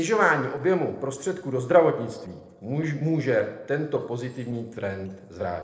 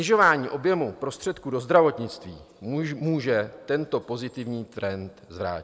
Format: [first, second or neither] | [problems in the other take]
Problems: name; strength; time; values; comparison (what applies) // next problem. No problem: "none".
second | noise reduction (neural separator model SepFormer DNS4)